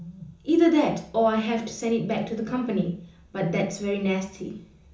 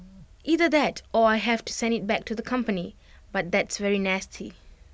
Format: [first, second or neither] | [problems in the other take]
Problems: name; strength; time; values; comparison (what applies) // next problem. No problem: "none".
second | room echo; dies away in 0.7 s